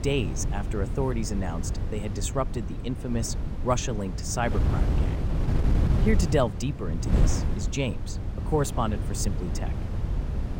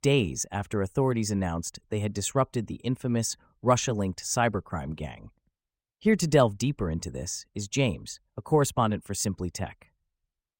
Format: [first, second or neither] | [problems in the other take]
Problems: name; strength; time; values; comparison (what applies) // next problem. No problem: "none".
second | wind noise on the microphone; heavy; 8 dB below the speech